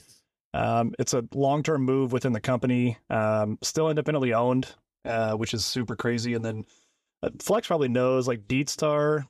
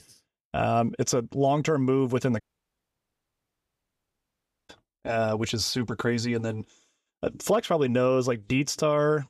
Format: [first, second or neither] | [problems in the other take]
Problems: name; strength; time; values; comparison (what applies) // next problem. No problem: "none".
first | audio cutting out; at 2.5 s for 2.5 s